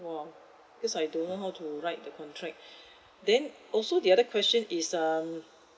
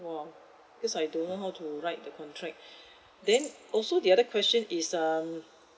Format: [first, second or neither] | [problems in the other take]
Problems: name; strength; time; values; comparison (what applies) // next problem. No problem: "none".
first | background sound (Rattle / Keys jangling); 19 dB below the speech